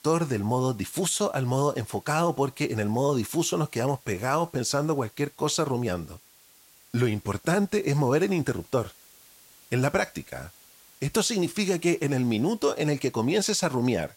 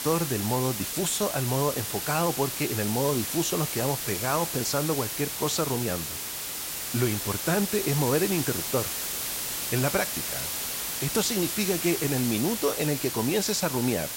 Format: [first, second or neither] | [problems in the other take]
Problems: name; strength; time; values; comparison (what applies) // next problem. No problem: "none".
first | hiss; loud; throughout; 2 dB below the speech; faint in the first